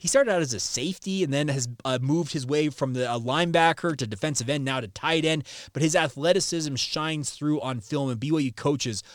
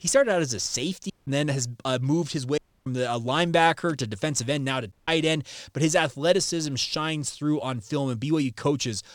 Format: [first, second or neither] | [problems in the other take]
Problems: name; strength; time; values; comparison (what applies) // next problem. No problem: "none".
first | audio cutting out; at 1 s, at 2.5 s and at 5 s